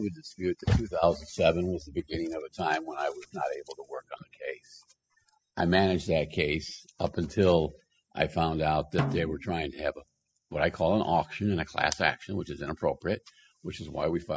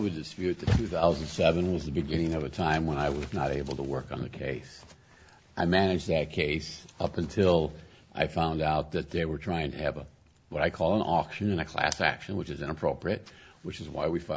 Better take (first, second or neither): second